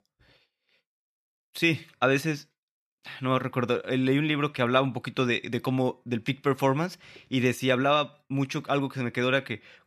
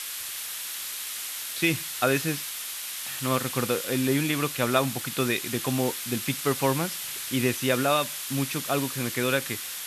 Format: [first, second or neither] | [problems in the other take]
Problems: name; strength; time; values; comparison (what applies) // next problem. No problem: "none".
first | hiss; loud; throughout; 4 dB below the speech